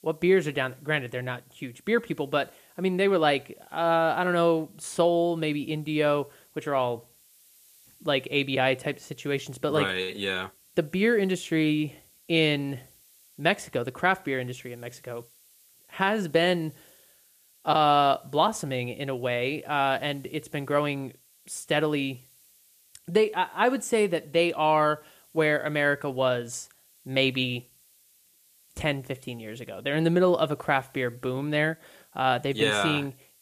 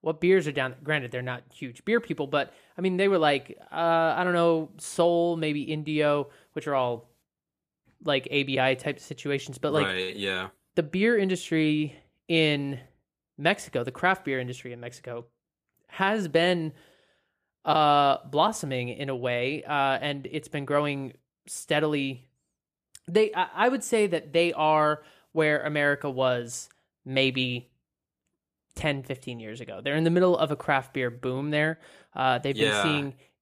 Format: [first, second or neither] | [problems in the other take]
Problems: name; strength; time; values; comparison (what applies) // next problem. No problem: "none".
second | hiss; faint; throughout; 30 dB below the speech